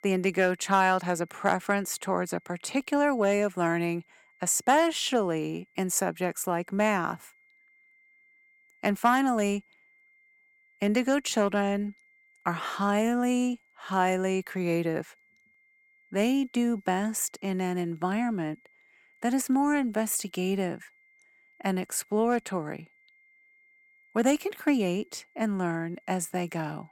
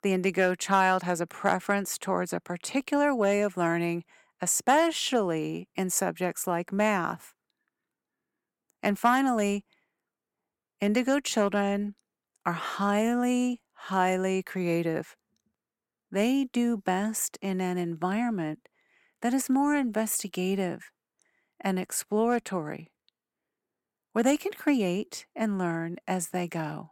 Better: second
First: high-pitched whine; faint; throughout; 2 kHz, 35 dB below the speech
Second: none

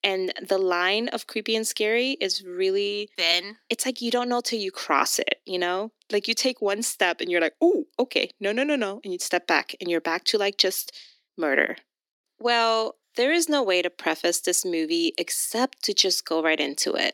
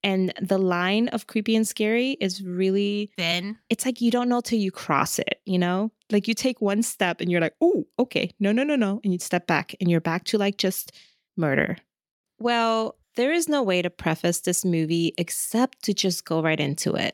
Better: second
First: thin; somewhat; fading below 300 Hz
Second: none

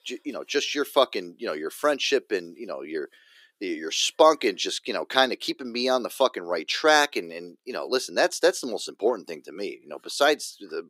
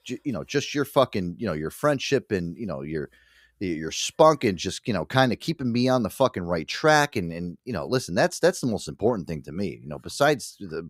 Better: second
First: thin; somewhat; fading below 350 Hz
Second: none

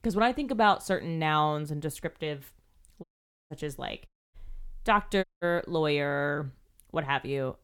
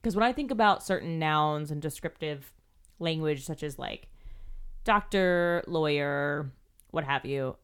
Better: second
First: audio cutting out; at 3 s, at 4 s and at 5 s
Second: none

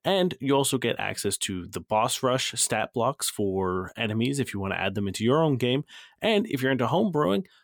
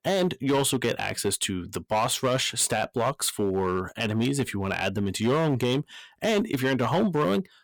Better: first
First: none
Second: distortion; slight; 8% of the sound clipped

